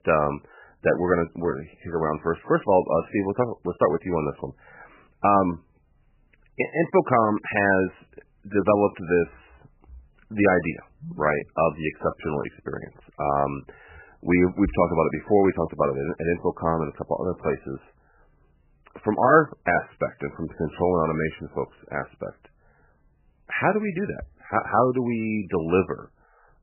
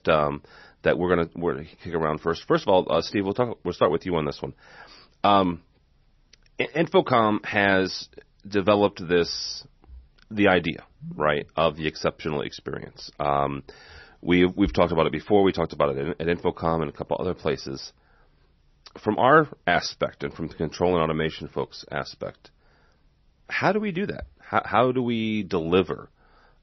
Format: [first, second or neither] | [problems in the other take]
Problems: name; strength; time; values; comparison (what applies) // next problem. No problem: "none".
second | garbled, watery; badly; nothing above 2.5 kHz; slightly in the second